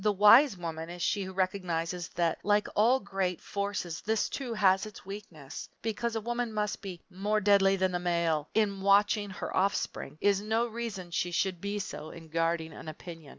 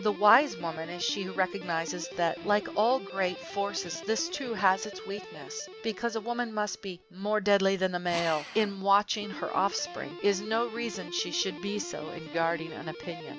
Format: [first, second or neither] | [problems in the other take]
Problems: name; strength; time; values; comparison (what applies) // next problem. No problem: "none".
first | background sound (Guitar + Drill); 13 dB below the speech